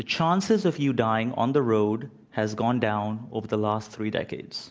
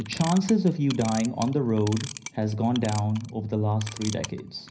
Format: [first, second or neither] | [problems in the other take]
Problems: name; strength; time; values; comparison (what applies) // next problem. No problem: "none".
first | background sound (Clock); 15 dB below the speech // room echo; dies away in 0.5 s